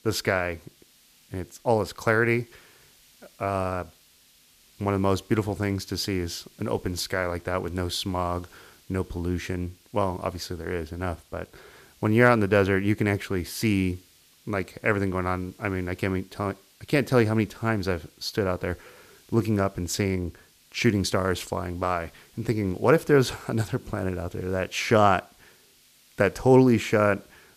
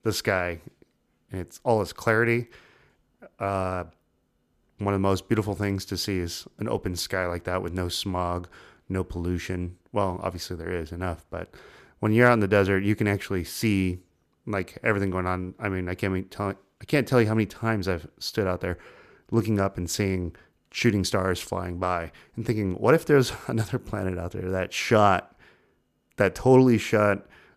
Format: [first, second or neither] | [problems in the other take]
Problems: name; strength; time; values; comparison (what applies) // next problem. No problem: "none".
second | hiss; faint; throughout; 30 dB below the speech